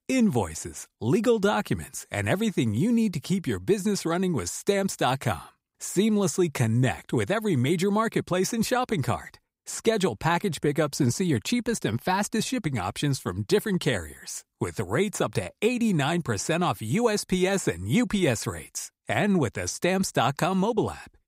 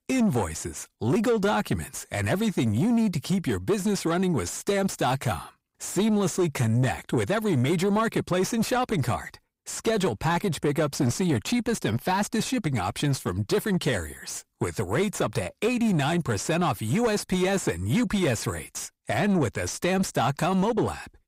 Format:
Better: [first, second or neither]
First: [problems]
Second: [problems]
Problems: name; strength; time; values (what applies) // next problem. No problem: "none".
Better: first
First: none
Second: distortion; slight; 10 dB below the speech